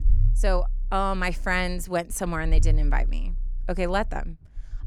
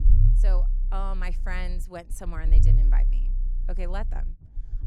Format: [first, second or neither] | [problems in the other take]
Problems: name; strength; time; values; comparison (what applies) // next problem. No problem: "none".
first | low rumble; loud; throughout; 8 dB below the speech; faint in the first